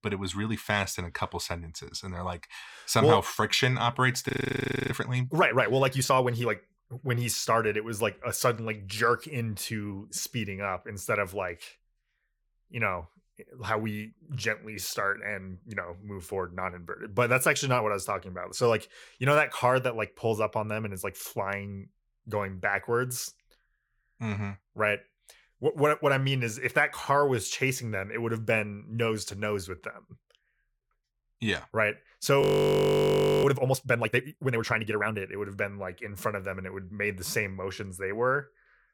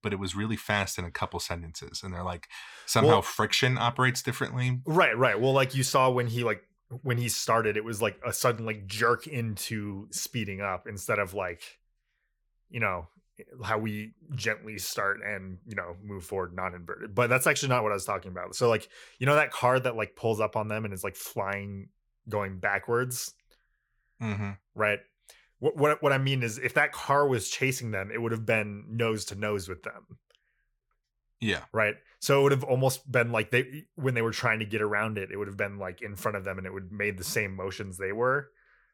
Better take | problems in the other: second | audio freezing; at 4.5 s for 0.5 s and at 32 s for 1 s

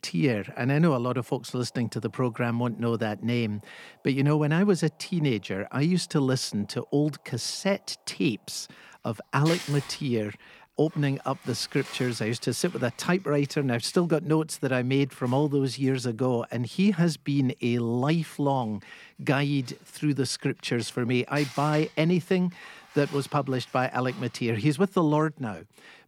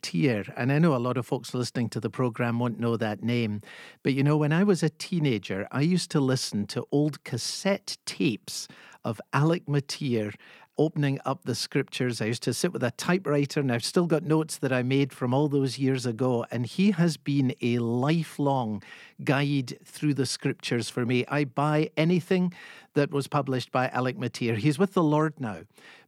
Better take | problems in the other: second | household noises; noticeable; throughout; 15 dB below the speech

